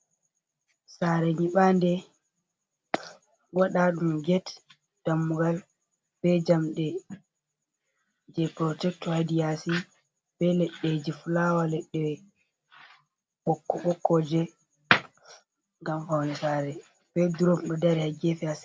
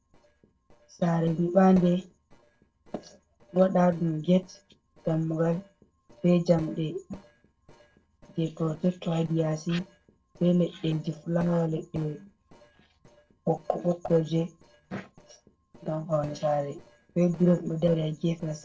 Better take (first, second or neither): first